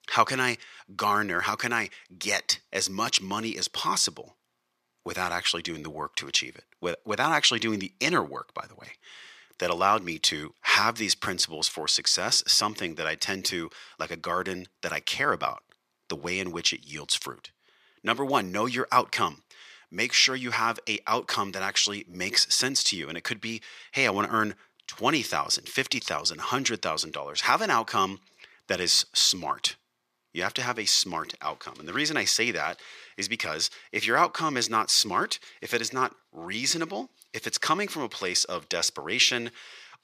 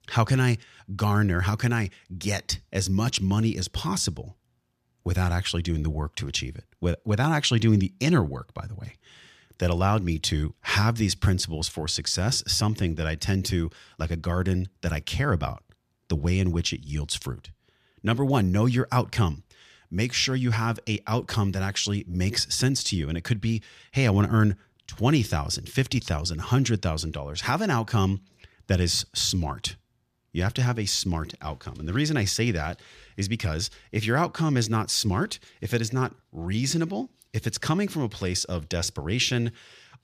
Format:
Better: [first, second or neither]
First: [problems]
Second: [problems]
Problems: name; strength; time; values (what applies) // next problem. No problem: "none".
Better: second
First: thin; very; fading below 400 Hz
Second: none